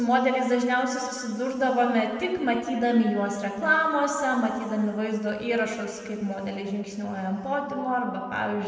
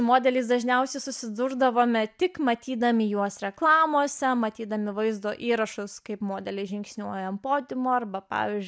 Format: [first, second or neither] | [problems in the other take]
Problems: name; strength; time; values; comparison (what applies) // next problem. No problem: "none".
second | room echo; dies away in 2.2 s